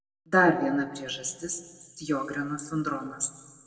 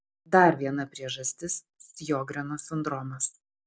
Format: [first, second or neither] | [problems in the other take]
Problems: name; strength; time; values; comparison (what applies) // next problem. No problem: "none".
second | room echo; dies away in 1.4 s